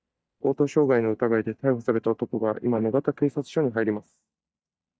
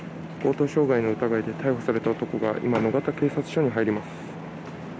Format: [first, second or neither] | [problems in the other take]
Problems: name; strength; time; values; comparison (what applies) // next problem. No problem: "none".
second | noise reduction (neural mask model DeepFilterNet 3)